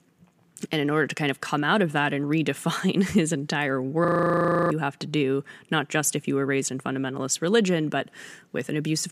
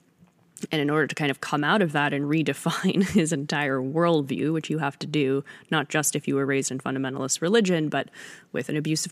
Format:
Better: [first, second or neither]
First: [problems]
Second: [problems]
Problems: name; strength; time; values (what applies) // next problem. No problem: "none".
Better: second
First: audio freezing; at 4 s for 0.5 s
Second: none